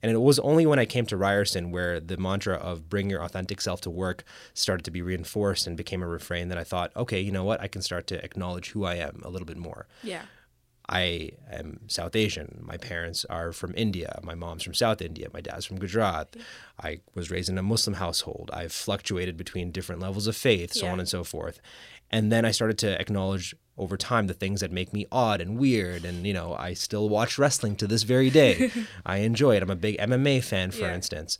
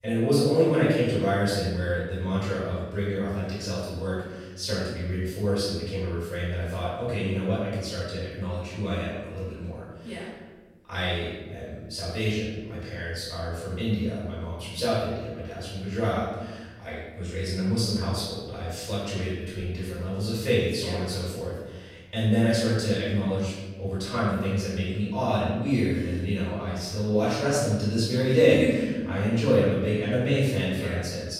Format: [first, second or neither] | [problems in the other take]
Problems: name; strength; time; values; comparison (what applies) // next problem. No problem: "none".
first | off-mic speech; far // room echo; strong; dies away in 1.3 s